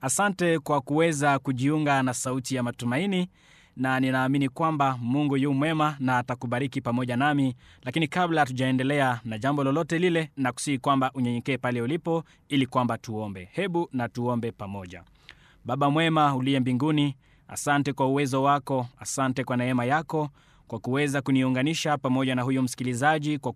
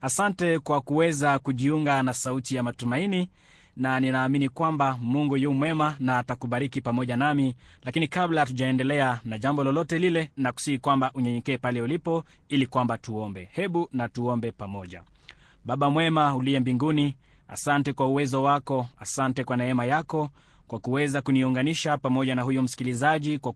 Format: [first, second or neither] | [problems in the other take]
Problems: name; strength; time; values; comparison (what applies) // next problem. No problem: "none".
first | garbled, watery; slightly